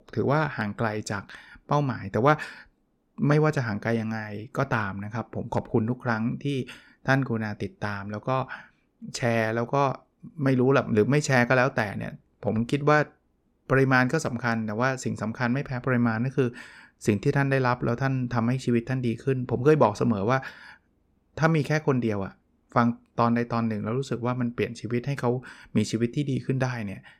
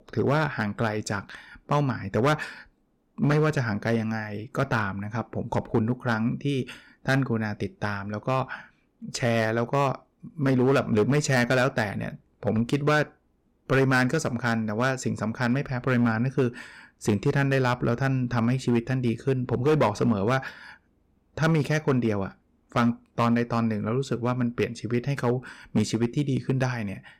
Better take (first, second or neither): first